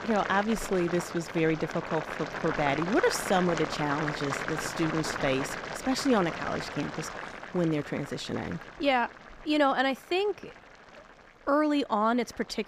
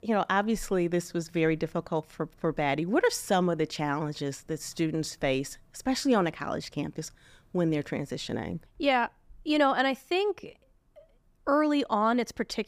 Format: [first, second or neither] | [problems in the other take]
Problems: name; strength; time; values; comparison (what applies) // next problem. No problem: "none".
second | household noises; loud; throughout; 7 dB below the speech